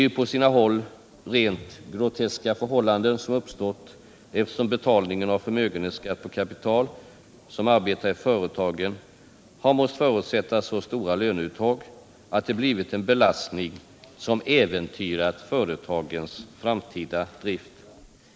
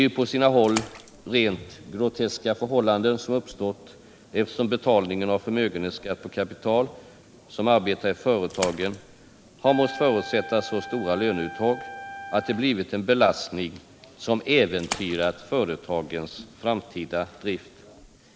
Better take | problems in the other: first | background sound (Trumpet + Splash, splatter); 13 dB below the speech

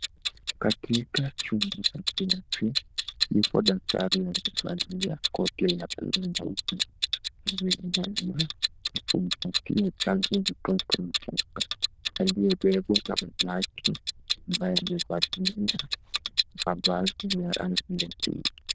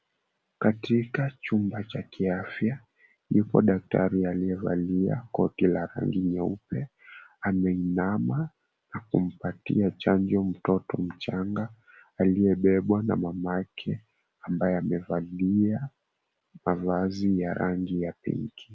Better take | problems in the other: second | noise reduction (neural diffusion model UNIVERSE++)

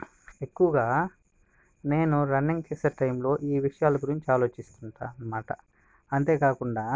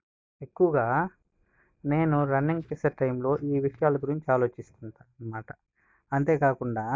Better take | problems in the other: first | noise reduction (neural mask model DeepFilterNet 3)

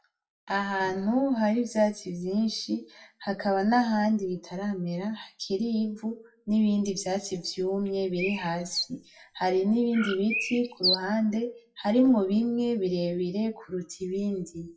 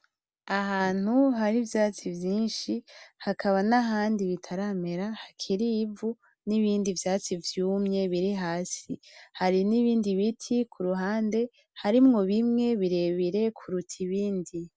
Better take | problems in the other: second | noise reduction (classical method WPE with log-MMSE)

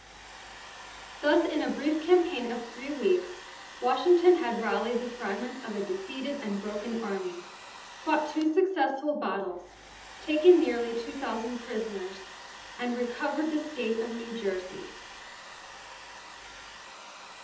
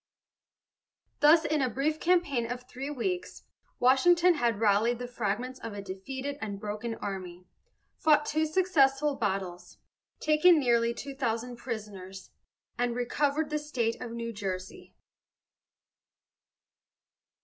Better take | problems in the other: second | background sound (Domestic sounds, home sounds); 16 dB below the speech // room echo; dies away in 1.2 s

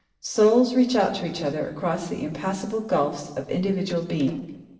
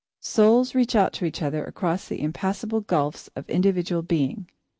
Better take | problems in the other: second | noise reduction (neural separator model SepFormer DNS4)

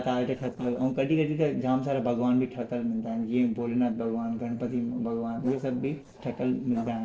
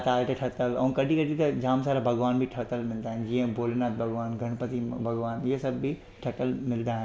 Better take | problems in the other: second | noise reduction (neural separator model SepFormer DNS4)

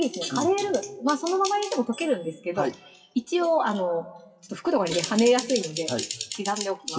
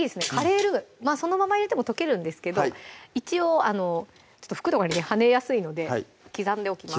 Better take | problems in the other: second | noise reduction (classical method WPE with log-MMSE)

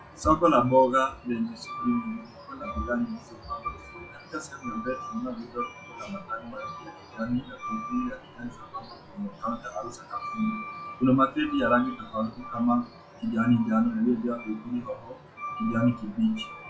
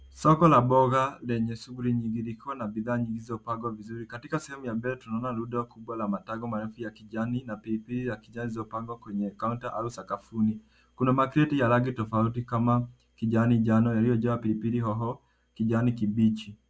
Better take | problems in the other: second | noise reduction (classical method WPE with log-MMSE)

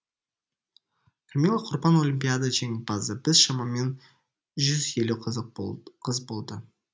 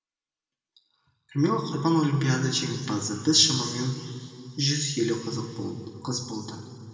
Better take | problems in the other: first | room echo; dies away in 2.5 s

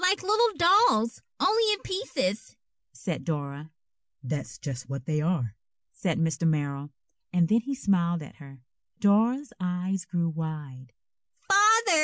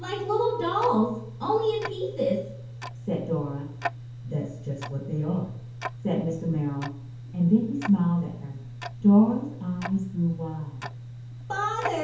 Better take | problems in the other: first | background sound (Tick-tock); 11 dB below the speech // room echo; dies away in 0.7 s

